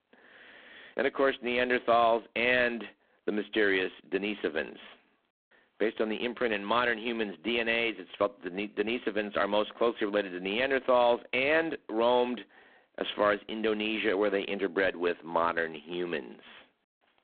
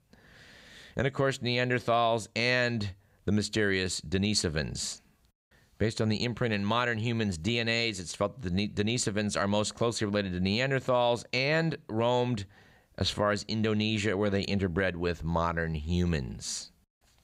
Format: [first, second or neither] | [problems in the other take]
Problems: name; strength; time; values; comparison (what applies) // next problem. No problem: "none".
second | phone-call audio; poor line